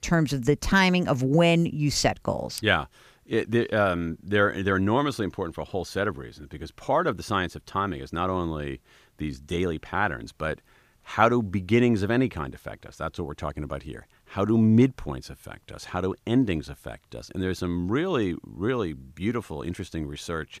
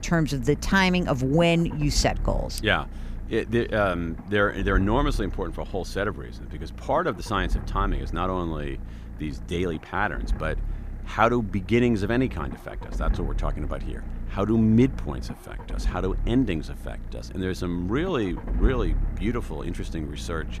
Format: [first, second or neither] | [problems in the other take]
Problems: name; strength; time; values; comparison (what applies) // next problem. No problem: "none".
first | low rumble; noticeable; throughout; 20 dB below the speech